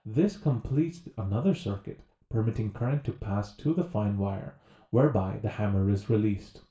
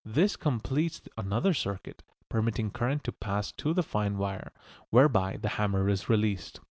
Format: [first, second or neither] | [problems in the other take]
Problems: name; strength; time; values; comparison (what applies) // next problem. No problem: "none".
second | room echo; dies away in 0.3 s